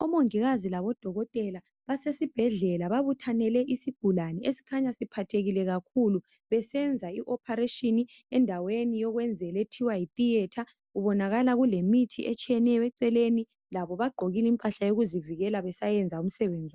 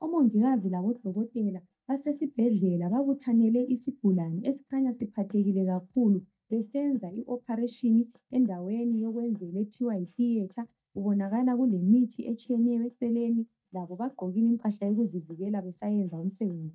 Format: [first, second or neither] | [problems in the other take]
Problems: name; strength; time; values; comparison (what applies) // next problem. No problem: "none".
first | noise reduction (neural mask model DeepFilterNet 3)